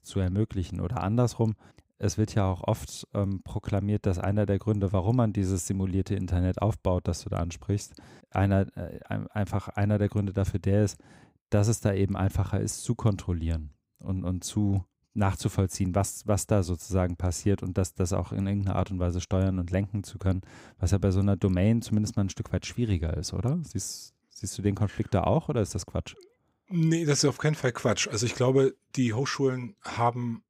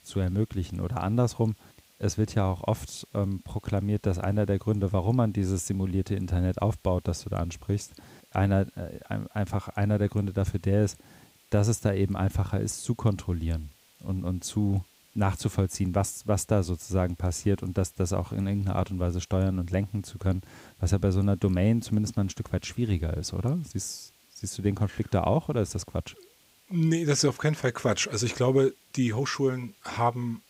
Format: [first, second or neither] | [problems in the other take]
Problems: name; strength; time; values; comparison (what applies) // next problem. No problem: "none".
first | hiss; faint; throughout; 30 dB below the speech